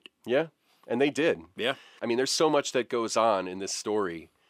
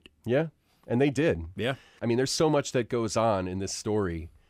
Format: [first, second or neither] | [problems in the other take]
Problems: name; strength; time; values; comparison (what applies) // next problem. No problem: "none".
second | thin; very slightly; fading below 300 Hz